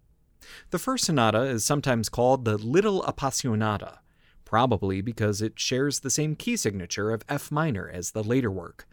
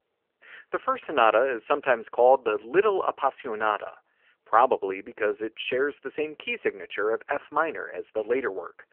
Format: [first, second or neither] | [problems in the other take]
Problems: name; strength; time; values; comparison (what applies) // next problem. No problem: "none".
first | phone-call audio; nothing above 3 kHz